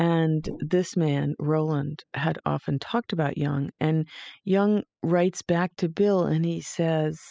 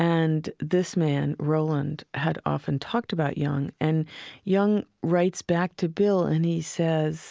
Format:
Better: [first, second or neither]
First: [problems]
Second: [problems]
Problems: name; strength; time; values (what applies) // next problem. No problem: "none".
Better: second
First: noise reduction (classical method spectral subtraction)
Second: none